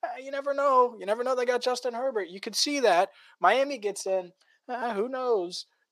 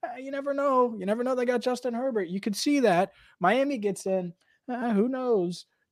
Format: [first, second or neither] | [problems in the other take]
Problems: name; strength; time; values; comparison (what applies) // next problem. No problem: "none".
second | thin; somewhat; fading below 500 Hz